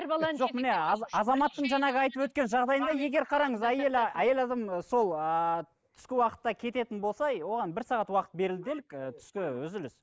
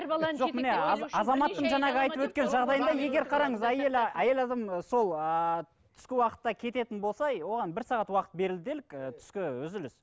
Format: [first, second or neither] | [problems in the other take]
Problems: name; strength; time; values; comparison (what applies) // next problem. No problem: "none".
second | noise reduction (neural mask model Resemble Enhance denoiser)